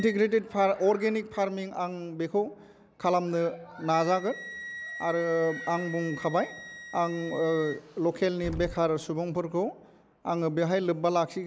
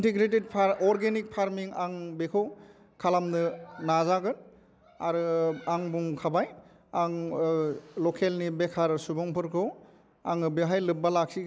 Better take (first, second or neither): second